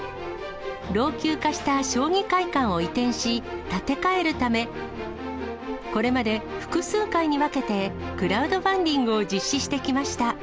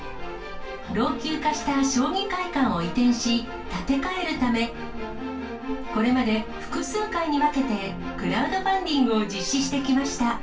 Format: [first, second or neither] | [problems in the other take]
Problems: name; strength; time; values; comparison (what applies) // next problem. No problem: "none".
first | room echo; dies away in 0.2 s